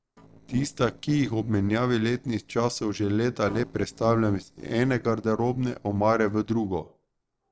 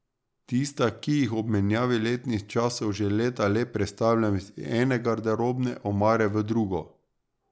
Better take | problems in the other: second | noise reduction (neural separator model SepFormer DNS4)

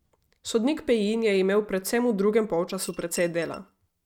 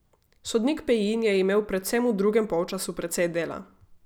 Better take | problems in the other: second | noise reduction (neural mask model RNNoise)

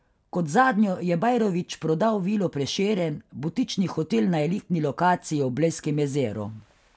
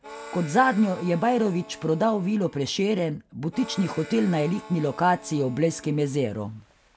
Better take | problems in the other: first | background sound (Harmonica); 19 dB below the speech

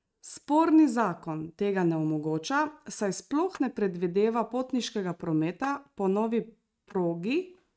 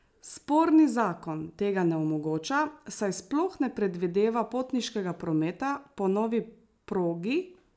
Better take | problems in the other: second | noise reduction (neural mask model RNNoise)

